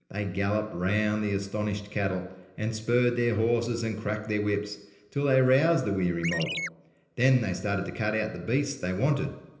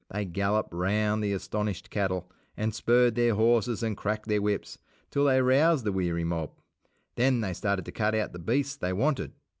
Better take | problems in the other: second | background sound (Chirp, tweet); 5 dB below the speech // room echo; dies away in 0.8 s

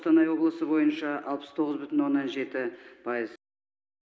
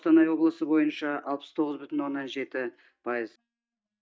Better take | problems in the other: first | noise reduction (neural mask model DeepFilterNet 3)

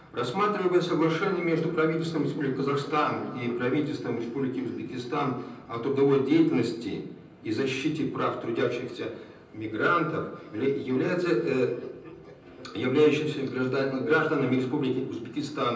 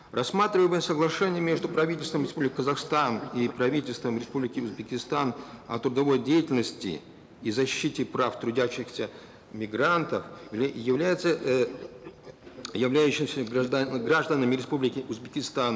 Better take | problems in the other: second | room echo; dies away in 0.6 s

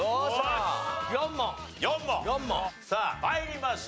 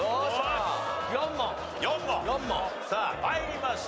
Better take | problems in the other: first | background sound (Crowd); 6 dB below the speech

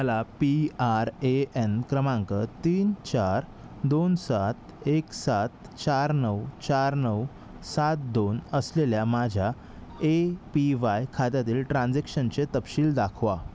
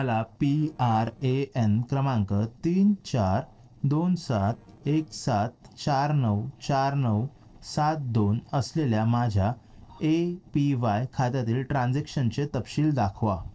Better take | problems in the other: first | noise reduction (neural separator model SepFormer DNS4)

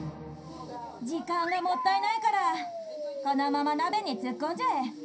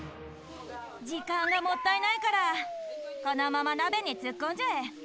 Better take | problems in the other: second | room echo; dies away in 0.3 s

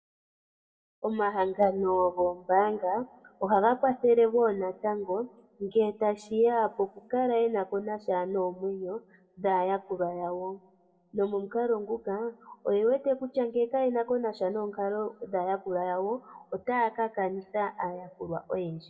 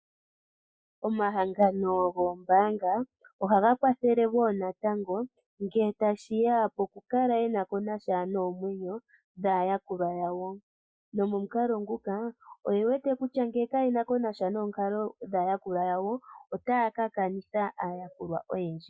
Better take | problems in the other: second | room echo; dies away in 0.7 s

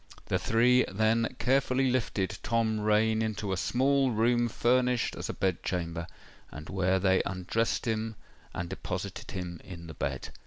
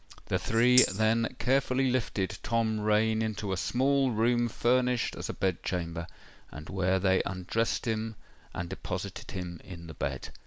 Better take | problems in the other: first | background sound (Tambourine); 6 dB below the speech

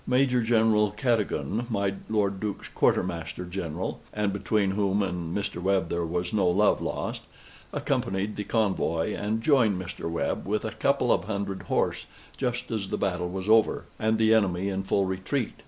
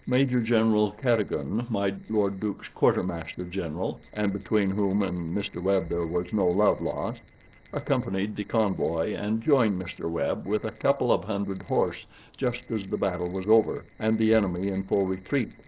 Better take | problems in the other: first | noise reduction (neural separator model SepFormer DNS4)

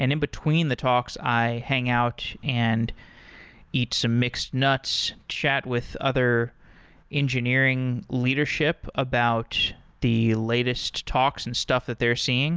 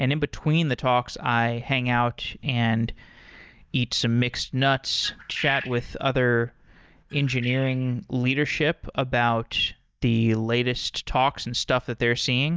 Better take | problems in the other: first | noise reduction (neural mask model DeepFilterNet 3)

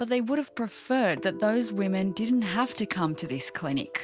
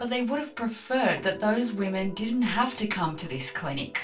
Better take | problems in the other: first | room echo; dies away in 0.2 s

